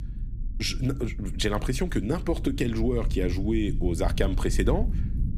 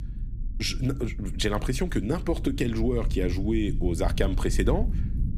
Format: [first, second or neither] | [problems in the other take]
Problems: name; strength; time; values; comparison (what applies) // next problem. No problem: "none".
neither | low rumble; noticeable; throughout; 15 dB below the speech; the same in both